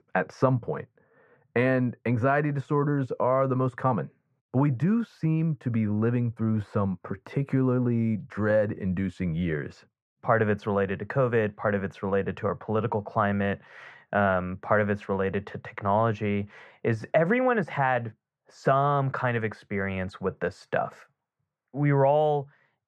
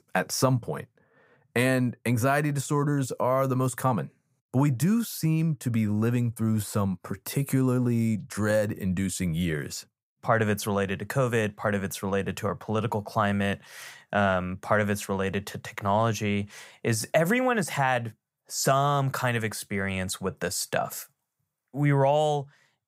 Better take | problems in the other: second | muffled; very; fading above 2 kHz

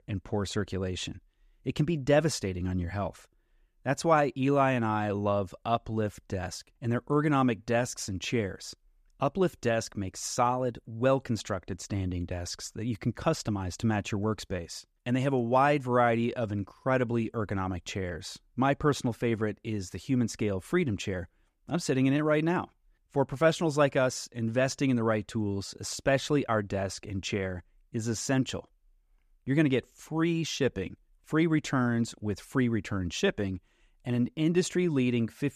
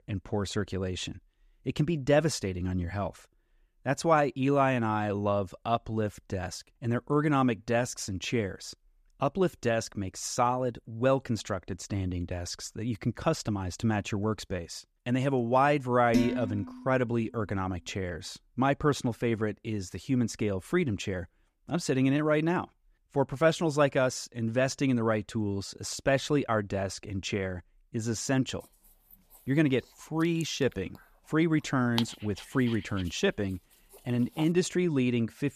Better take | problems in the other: first | clattering dishes; loud; at 16 s; peak level with the speech // dog barking; noticeable; from 30 to 34 s; peak 6 dB below the speech

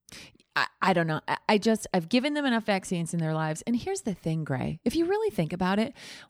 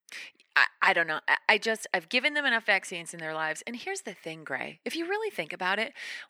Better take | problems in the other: first | thin; very; fading below 450 Hz

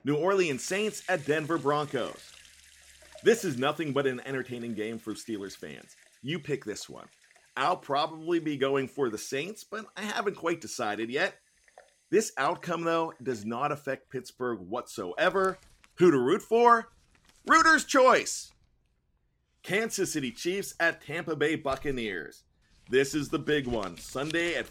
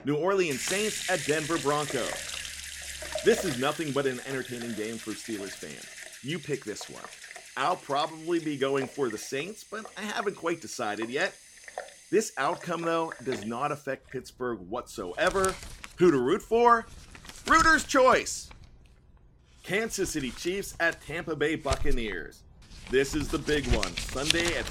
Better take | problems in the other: first | household noises; loud; throughout; 8 dB below the speech; faint in the first

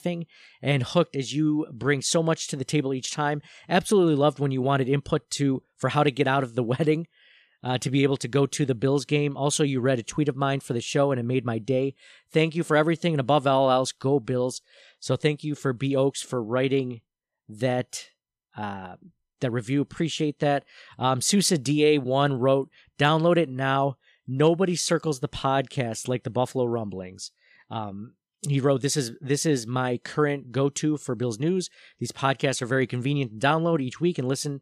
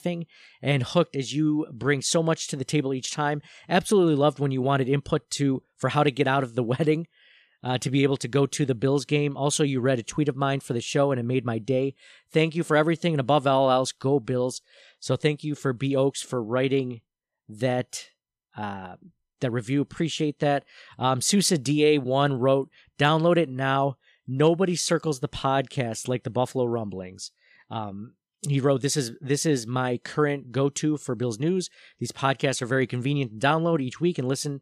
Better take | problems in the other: neither | none

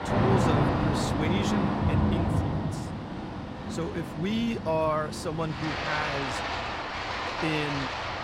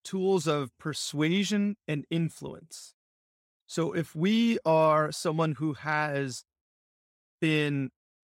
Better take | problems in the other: second | rain or running water; very loud; throughout; 2 dB above the speech

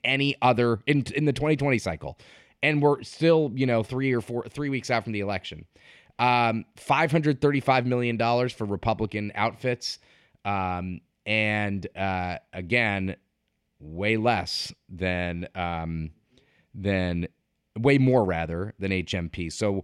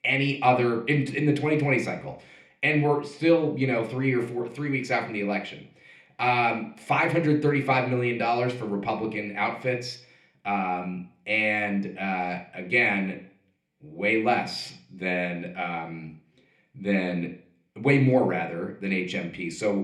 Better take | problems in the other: first | room echo; very slight; dies away in 0.4 s

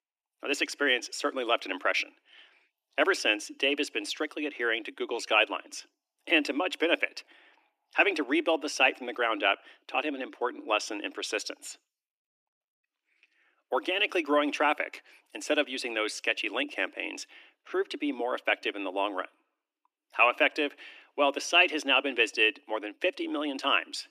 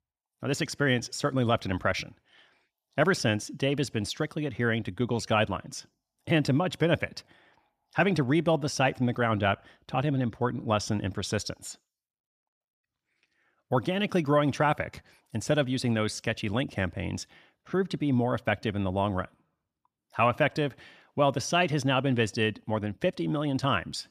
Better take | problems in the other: second | thin; somewhat; fading below 300 Hz

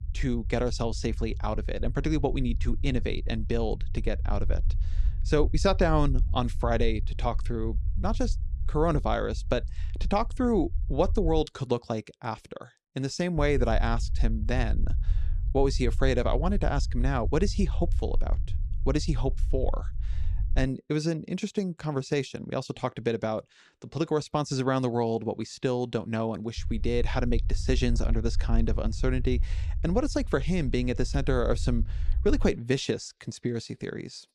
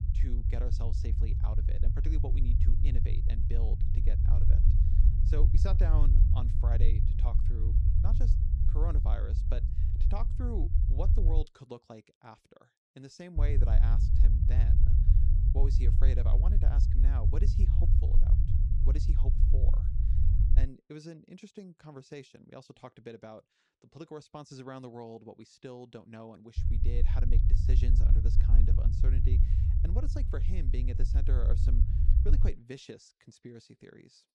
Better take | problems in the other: first | low rumble; loud; until 11 s, from 13 to 21 s and from 27 to 32 s; 1 dB below the speech; faint in the first

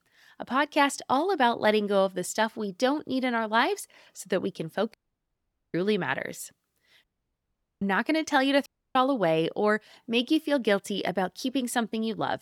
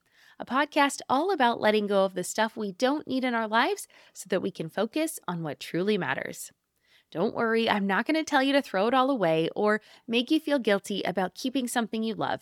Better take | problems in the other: second | audio cutting out; at 5 s for 1 s, at 7 s for 1 s and at 8.5 s

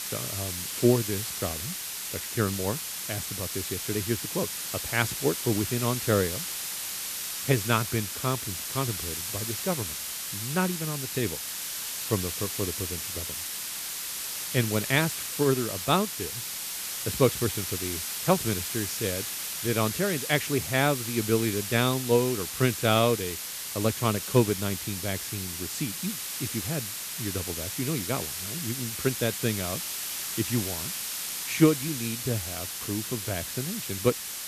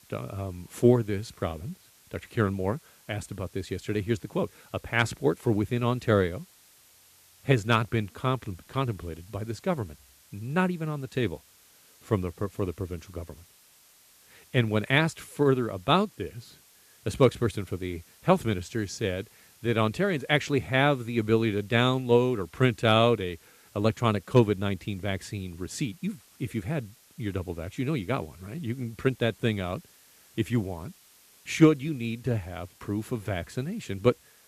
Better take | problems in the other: second | hiss; loud; throughout; 2 dB below the speech; faint in the second

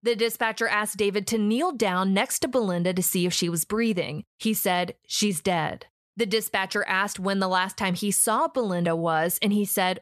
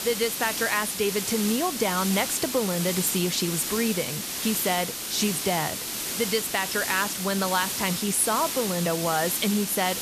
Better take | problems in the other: first | hiss; loud; throughout; 3 dB below the speech

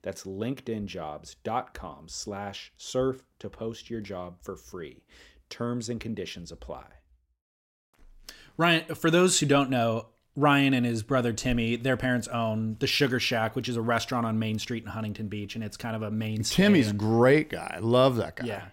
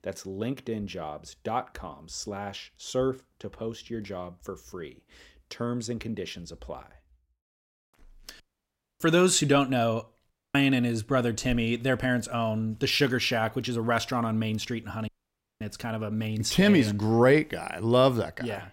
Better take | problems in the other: first | audio cutting out; at 8.5 s for 0.5 s, at 10 s and at 15 s for 0.5 s

